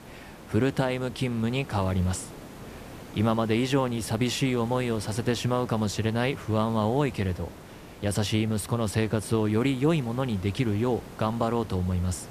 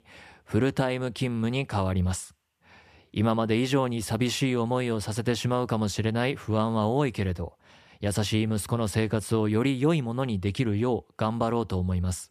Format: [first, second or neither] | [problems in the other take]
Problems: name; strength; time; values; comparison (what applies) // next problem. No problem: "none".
second | hiss; noticeable; throughout; 15 dB below the speech